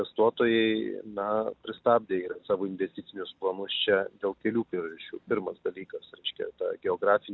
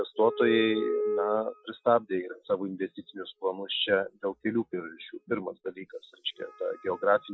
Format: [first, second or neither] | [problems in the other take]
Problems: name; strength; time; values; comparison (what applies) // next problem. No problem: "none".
first | noise reduction (classical method Wiener filter)